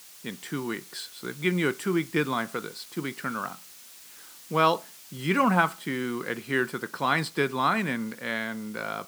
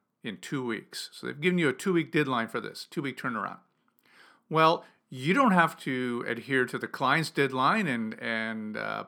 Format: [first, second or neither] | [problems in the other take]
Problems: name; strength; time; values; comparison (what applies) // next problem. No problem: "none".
second | hiss; noticeable; throughout; 20 dB below the speech